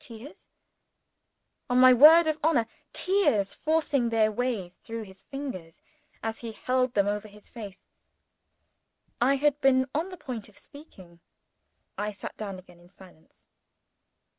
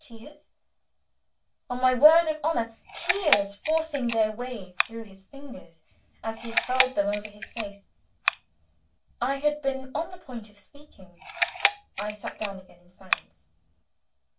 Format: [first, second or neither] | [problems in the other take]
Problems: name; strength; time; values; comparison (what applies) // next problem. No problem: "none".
first | background sound (Camera); 3 dB below the speech // room echo; dies away in 0.2 s